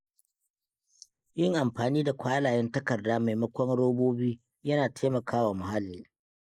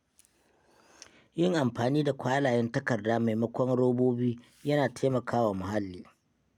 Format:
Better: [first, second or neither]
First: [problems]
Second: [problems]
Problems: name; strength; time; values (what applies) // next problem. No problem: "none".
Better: second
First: noise reduction (neural mask model Resemble Enhance denoiser)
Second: none